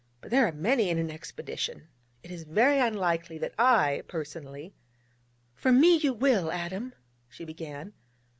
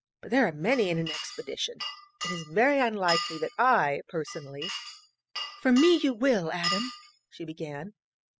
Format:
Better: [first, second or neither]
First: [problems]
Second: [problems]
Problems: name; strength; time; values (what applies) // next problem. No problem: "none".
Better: first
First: none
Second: noise reduction (classical method spectral subtraction)